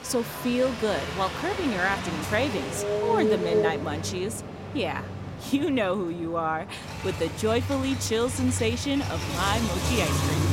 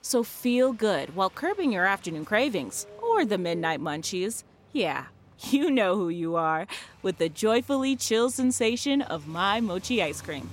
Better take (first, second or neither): second